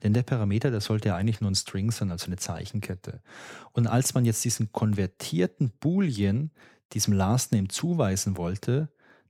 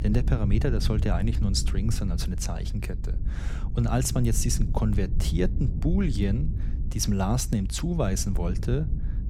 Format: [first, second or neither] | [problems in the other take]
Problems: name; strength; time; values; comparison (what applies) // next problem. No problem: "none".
first | low rumble; noticeable; throughout; 15 dB below the speech